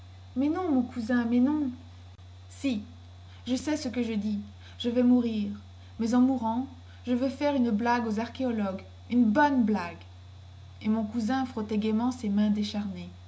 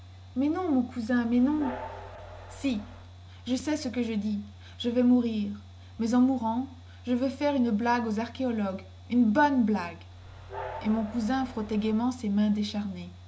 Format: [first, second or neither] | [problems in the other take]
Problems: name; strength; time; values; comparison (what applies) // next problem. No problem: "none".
first | background sound (Train); 15 dB below the speech